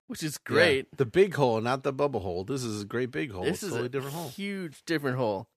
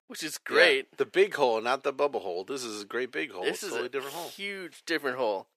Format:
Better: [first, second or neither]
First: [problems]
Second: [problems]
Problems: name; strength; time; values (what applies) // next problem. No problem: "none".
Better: first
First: none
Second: thin; somewhat; fading below 450 Hz